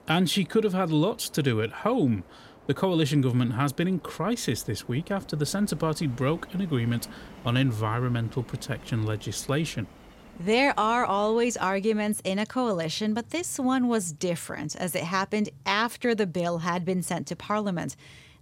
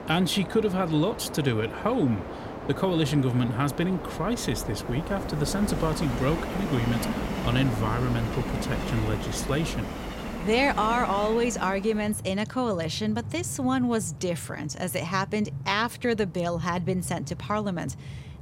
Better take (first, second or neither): first